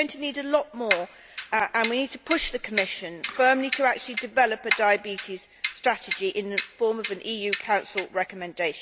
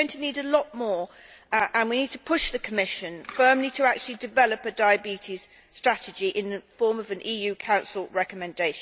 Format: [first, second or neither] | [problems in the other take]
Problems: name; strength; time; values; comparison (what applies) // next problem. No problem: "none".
second | background sound (Clock); 8 dB below the speech